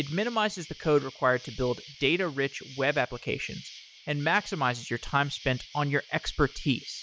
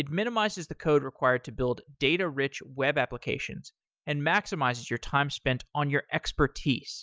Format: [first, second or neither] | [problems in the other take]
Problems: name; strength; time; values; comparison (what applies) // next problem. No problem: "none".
second | background sound (Insect); 19 dB below the speech